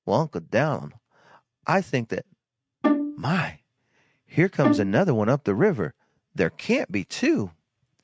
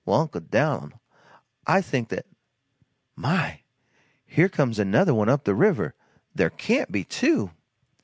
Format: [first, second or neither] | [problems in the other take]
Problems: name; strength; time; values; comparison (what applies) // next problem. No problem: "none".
second | noise reduction (neural mask model RNNoise)